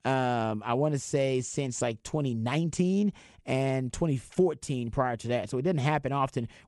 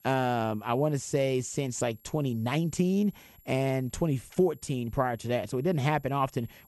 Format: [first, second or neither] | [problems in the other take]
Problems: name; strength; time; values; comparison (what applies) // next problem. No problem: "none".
first | high-pitched whine; faint; throughout; 11.5 kHz, 30 dB below the speech